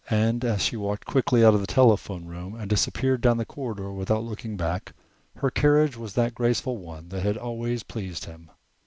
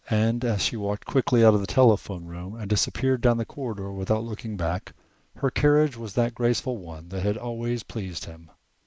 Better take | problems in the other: first | noise reduction (neural mask model Resemble Enhance denoiser)

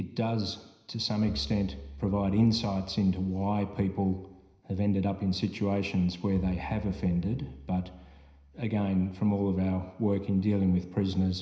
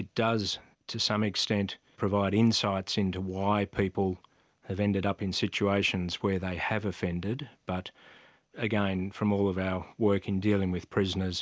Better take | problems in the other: second | background sound (Bowed string instrument); 16 dB below the speech // room echo; dies away in 0.9 s

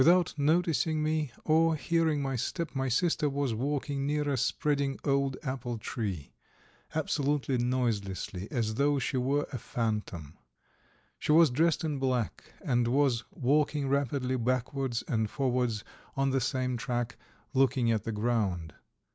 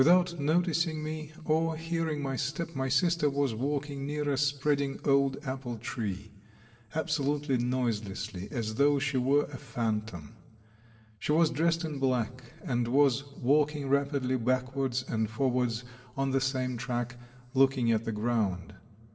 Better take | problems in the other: first | room echo; dies away in 1.7 s

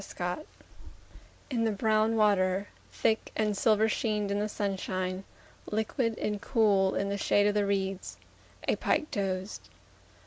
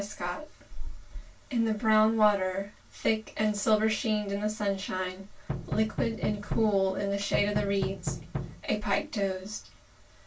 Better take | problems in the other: first | background sound (Knock); 5 dB below the speech // room echo; dies away in 0.2 s

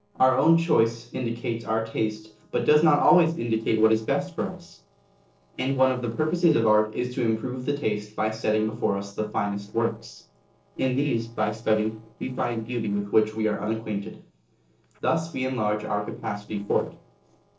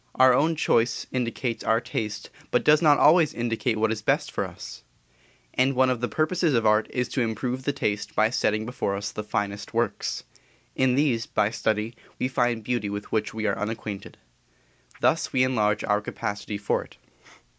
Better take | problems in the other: second | noise reduction (neural separator model SepFormer DNS4)

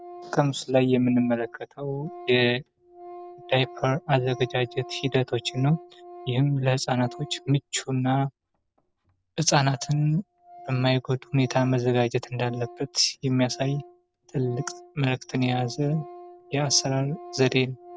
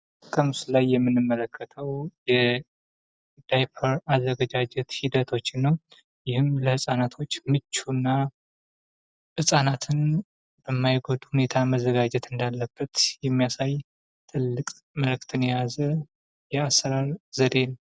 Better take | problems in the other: second | background sound (Organ); 19 dB below the speech

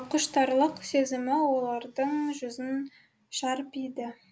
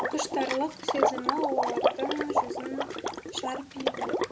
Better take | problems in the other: first | background sound (Water / Liquid); 4 dB above the speech

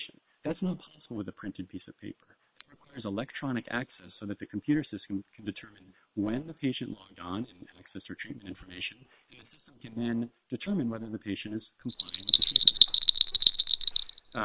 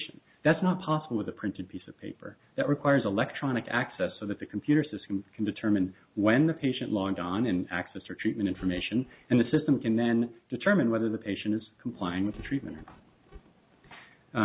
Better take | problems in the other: second | noise reduction (neural separator model SepFormer WHAM!)

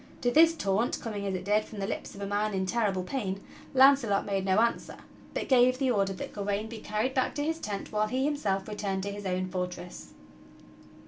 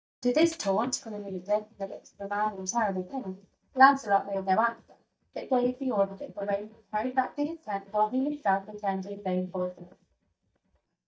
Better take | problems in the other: first | noise reduction (neural mask model DeepFilterNet 3)

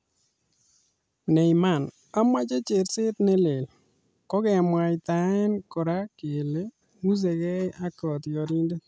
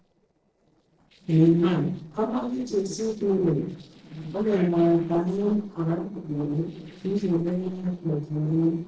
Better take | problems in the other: first | noise reduction (neural separator model SepFormer DNS4)

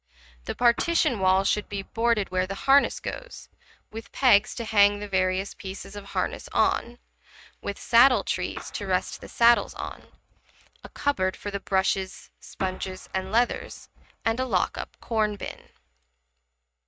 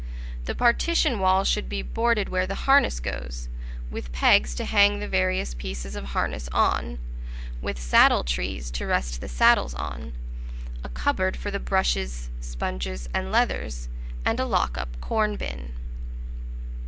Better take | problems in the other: second | noise reduction (neural mask model RNNoise)

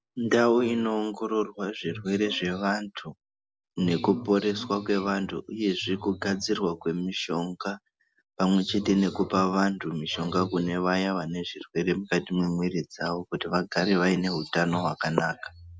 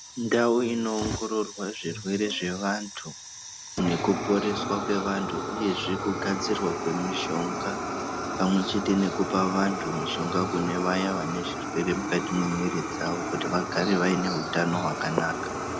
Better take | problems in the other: first | background sound (Fire); 5 dB below the speech

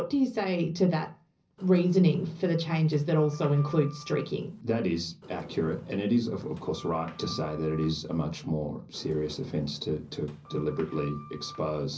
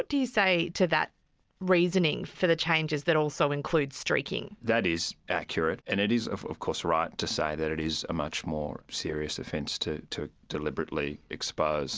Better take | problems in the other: second | background sound (Sliding door); 20 dB below the speech // room echo; dies away in 0.5 s

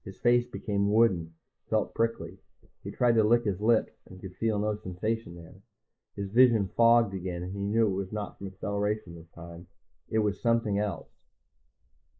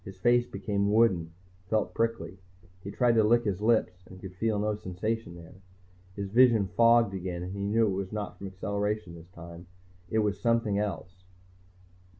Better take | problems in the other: second | noise reduction (neural mask model Resemble Enhance denoiser)

